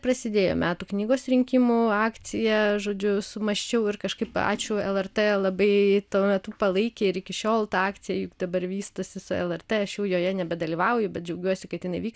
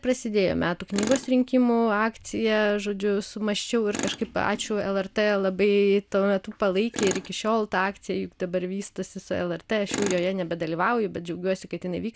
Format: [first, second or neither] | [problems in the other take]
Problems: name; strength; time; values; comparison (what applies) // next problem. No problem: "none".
first | background sound (Tools); 15 dB below the speech